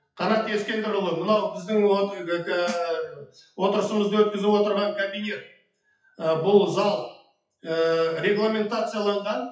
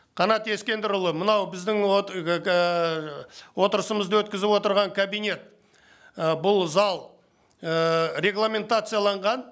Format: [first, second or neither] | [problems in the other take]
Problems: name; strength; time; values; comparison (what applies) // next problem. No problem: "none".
second | noise reduction (classical method WPE with log-MMSE)